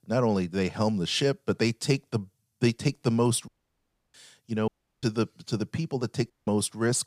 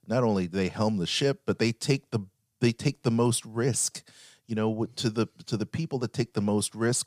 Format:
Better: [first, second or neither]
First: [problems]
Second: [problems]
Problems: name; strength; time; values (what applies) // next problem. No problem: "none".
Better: second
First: audio cutting out; at 3.5 s for 0.5 s, at 4.5 s and at 6.5 s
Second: none